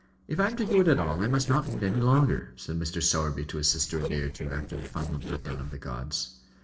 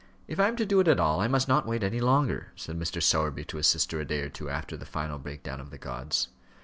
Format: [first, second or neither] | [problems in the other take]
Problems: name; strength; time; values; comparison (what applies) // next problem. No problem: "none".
second | noise reduction (neural separator model SepFormer DNS4)